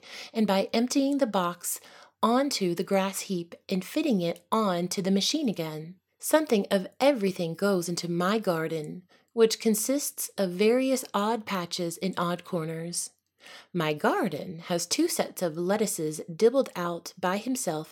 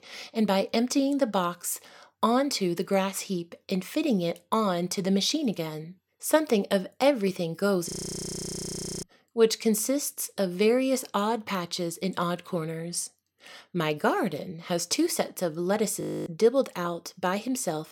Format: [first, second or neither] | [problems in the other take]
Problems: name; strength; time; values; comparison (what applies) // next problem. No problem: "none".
first | audio freezing; at 8 s for 1 s and at 16 s